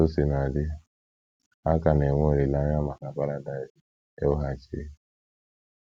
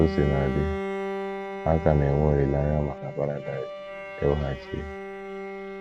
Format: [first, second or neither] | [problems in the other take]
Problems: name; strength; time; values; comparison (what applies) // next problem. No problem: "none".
first | background sound (Bowed string instrument); 7 dB below the speech